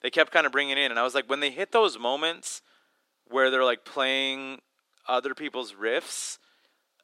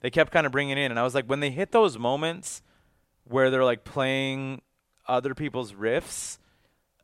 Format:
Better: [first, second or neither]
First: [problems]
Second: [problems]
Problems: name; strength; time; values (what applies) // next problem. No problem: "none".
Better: second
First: thin; somewhat; fading below 300 Hz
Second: none